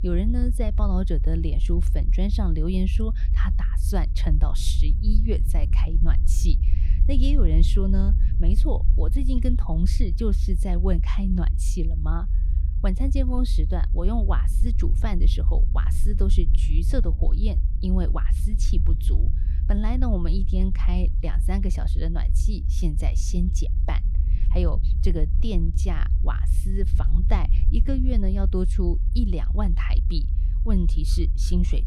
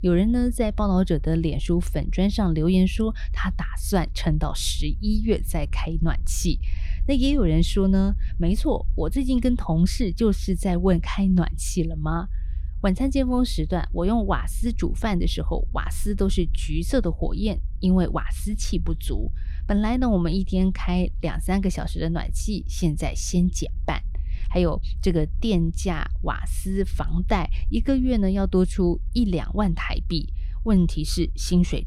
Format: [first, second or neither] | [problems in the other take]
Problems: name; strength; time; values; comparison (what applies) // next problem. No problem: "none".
second | low rumble; loud; throughout; 10 dB below the speech; faint in the second